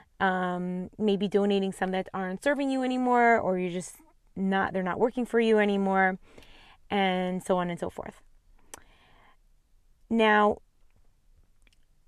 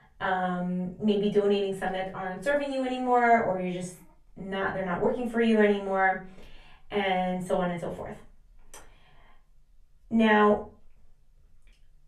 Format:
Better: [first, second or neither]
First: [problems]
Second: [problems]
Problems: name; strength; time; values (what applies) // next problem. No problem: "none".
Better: first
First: none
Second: off-mic speech; far // room echo; slight; dies away in 0.3 s